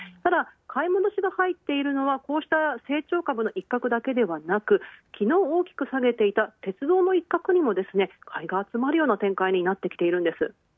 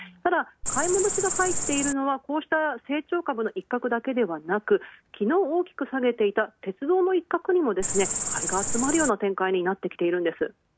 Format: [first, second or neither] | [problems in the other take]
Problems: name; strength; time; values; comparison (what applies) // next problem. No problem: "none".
first | background sound (Cricket); 1 dB below the speech